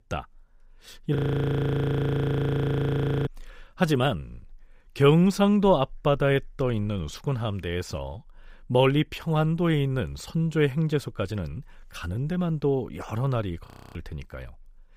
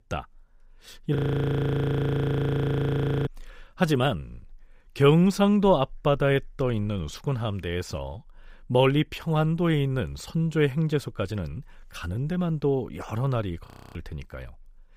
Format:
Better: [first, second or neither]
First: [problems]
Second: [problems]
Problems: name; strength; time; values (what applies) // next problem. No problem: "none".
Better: neither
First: audio freezing; at 1 s for 2 s and at 14 s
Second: audio freezing; at 1 s for 2 s and at 14 s